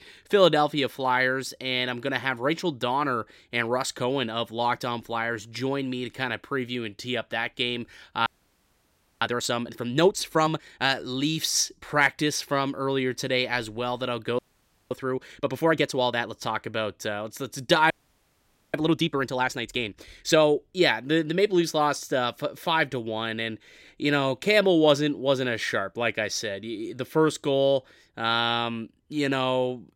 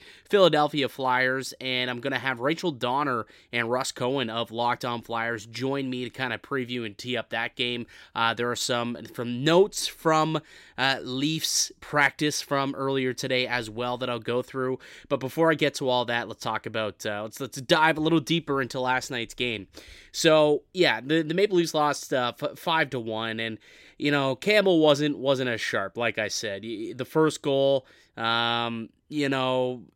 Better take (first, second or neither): second